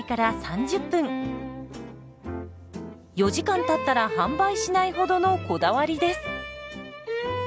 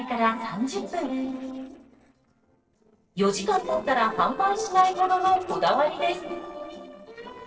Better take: first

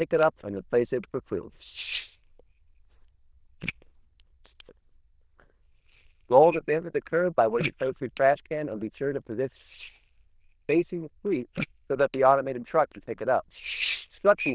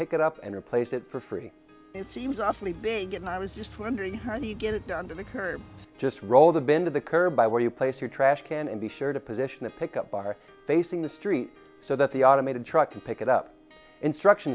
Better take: second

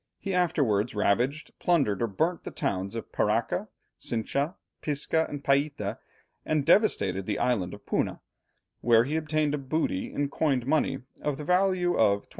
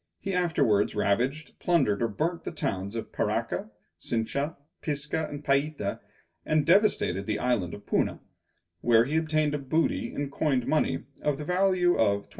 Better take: first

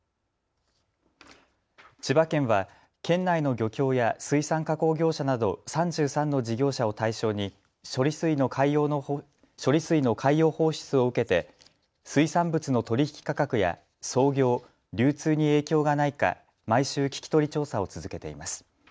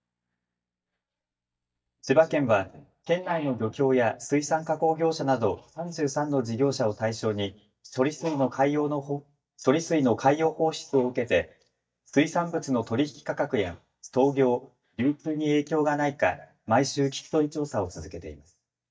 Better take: first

